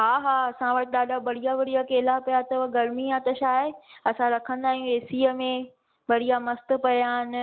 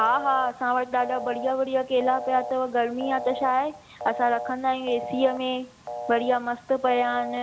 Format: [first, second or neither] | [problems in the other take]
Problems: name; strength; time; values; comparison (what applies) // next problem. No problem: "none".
first | background sound (Telephone); 10 dB below the speech